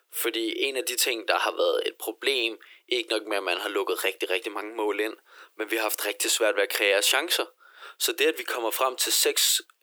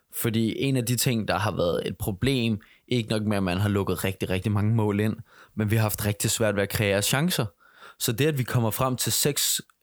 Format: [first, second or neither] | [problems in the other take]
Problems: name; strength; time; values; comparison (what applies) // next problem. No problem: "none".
second | thin; very; fading below 350 Hz